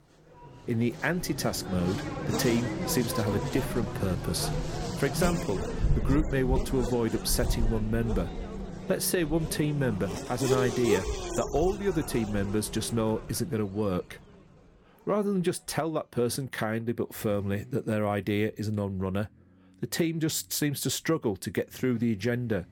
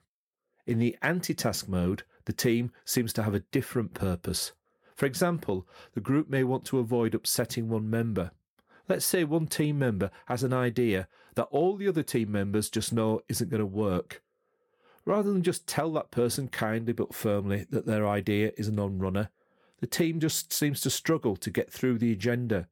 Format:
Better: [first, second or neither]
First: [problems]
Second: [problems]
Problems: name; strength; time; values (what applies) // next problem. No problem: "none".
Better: second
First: traffic noise; loud; throughout; 4 dB below the speech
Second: none